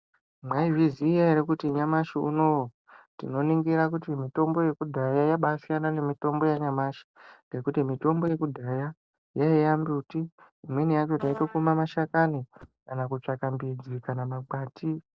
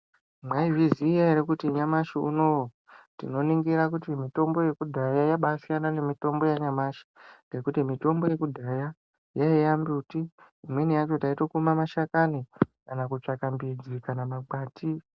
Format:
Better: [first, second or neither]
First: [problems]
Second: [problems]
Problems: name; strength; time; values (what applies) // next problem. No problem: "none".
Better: second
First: noise reduction (neural separator model SepFormer DNS4)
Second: none